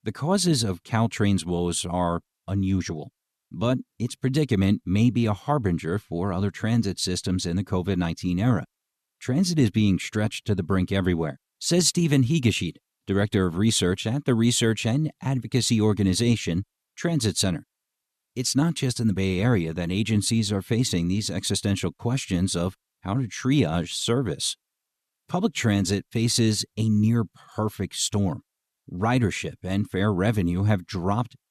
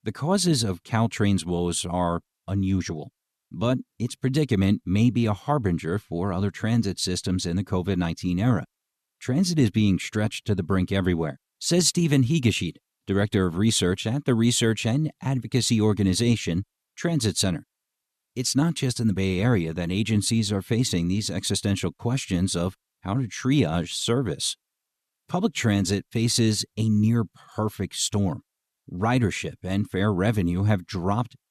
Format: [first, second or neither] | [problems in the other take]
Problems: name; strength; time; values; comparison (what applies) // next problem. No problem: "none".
neither | none